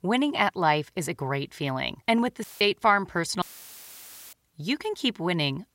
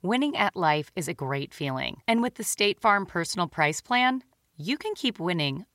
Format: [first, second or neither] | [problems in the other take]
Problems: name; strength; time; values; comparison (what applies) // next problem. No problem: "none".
second | audio cutting out; filled with static; at 2.5 s and at 3.5 s for 1 s